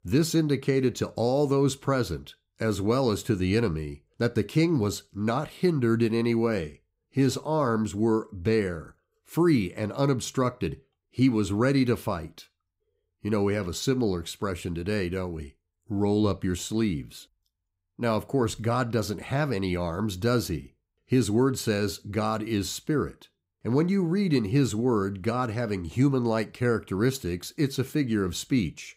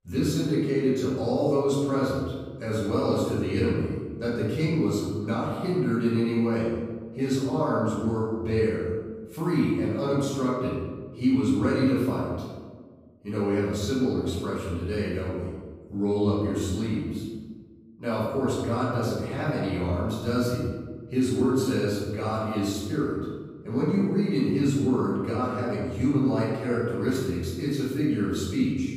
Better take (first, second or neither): first